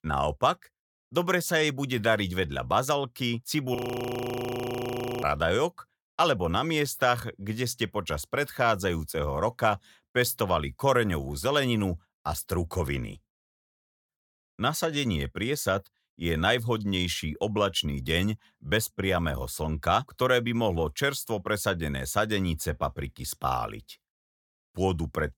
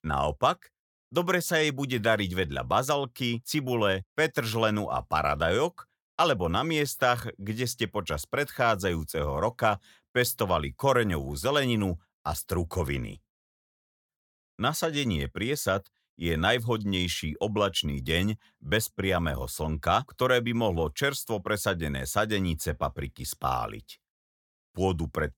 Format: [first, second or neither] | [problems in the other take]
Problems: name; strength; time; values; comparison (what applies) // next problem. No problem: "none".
second | audio freezing; at 4 s for 1.5 s